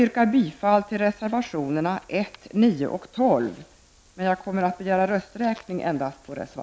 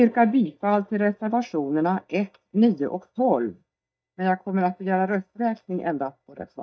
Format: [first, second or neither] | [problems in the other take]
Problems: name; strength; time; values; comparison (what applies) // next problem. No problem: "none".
first | noise reduction (neural mask model DeepFilterNet 3)